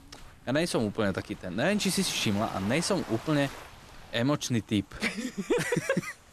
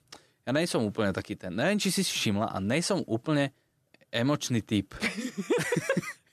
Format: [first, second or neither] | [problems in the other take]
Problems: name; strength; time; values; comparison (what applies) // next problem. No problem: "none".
second | rain or running water; noticeable; throughout; 15 dB below the speech